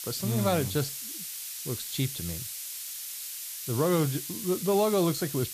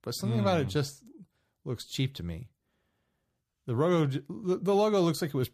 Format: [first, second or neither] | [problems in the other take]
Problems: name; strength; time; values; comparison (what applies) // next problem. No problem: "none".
second | hiss; loud; throughout; 6 dB below the speech